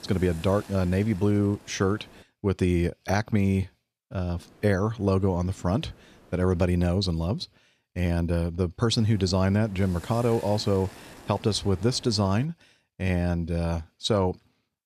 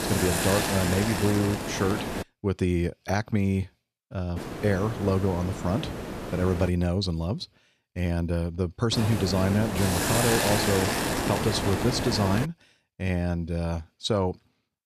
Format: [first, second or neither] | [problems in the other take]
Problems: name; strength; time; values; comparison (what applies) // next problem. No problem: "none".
first | hiss; loud; until 2 s, from 4.5 to 6.5 s and from 9 to 12 s; 2 dB below the speech; faint in the first